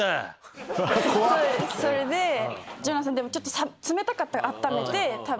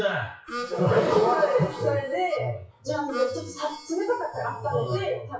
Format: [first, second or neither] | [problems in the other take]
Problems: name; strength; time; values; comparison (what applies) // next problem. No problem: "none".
first | noise reduction (classical method WPE with log-MMSE)